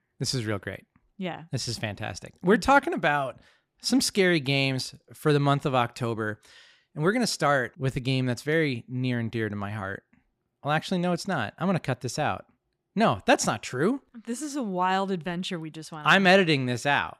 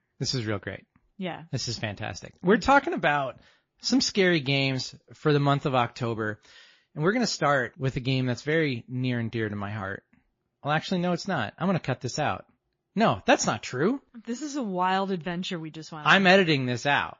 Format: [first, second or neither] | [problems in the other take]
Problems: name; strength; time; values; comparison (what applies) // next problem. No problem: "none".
first | garbled, watery; slightly; nothing above 6.5 kHz